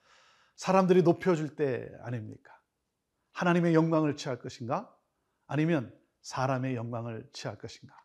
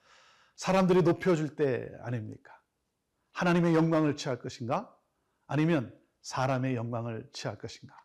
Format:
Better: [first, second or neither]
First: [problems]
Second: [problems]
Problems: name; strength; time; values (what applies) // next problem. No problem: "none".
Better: first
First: none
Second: distortion; slight; 3% of the sound clipped